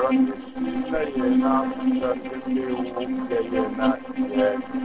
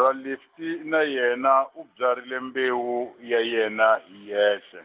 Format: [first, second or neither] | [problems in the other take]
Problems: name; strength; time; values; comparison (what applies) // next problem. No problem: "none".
second | noise reduction (neural separator model SepFormer DNS4)